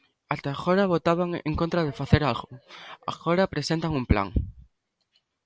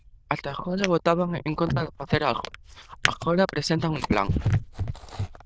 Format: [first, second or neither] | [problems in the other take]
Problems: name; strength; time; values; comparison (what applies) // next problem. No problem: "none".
first | noise reduction (neural diffusion model UNIVERSE++)